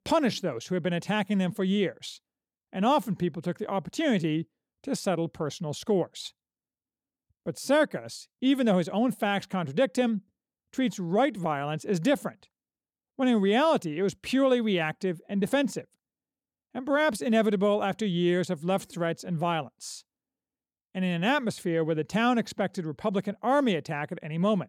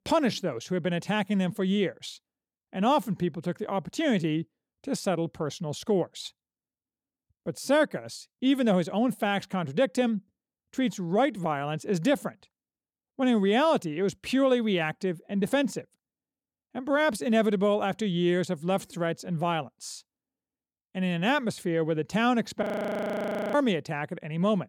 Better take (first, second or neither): first